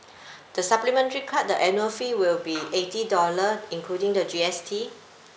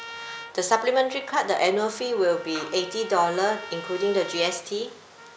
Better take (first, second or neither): first